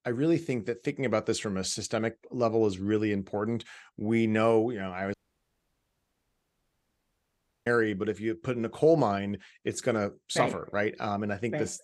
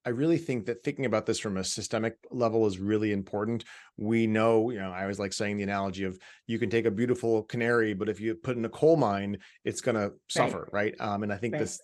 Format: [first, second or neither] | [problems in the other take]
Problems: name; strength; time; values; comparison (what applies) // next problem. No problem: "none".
second | audio cutting out; at 5 s for 2.5 s